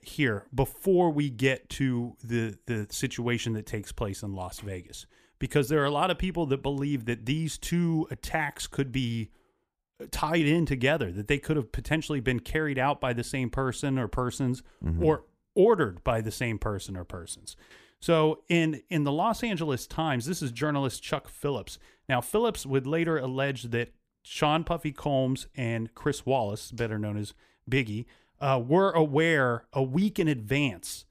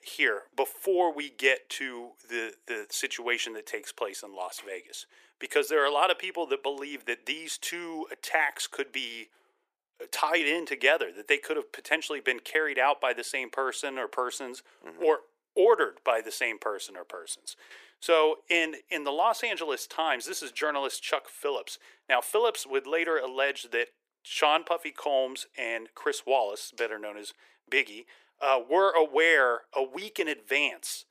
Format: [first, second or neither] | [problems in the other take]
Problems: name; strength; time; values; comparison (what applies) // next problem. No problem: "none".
first | thin; very; fading below 400 Hz